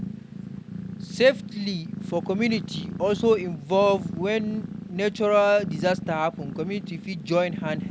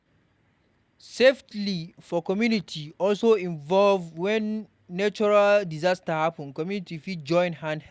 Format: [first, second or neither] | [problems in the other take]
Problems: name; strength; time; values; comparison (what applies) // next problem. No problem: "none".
second | background sound (Purr); 9 dB below the speech